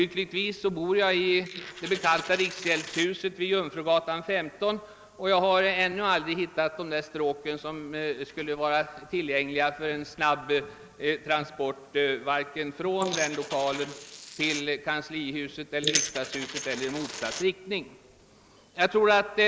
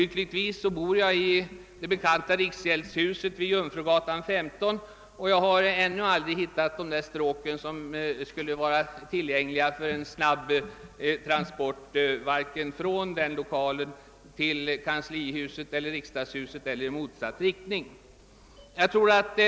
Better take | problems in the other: second | noise reduction (neural mask model Resemble Enhance denoiser)

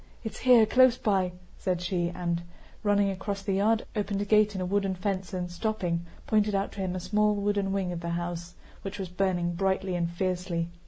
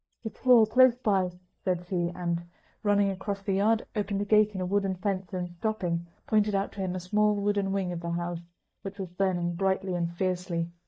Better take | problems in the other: first | noise reduction (neural mask model DeepFilterNet 3)

